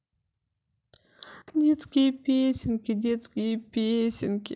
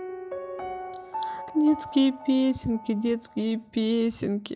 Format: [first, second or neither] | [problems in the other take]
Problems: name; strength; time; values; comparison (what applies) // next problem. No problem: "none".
first | background sound (Piano); 12 dB below the speech